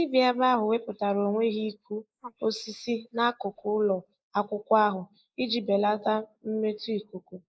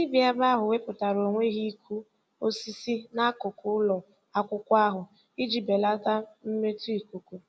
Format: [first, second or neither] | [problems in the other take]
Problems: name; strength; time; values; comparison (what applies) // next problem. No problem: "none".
second | noise reduction (neural mask model Resemble Enhance denoiser)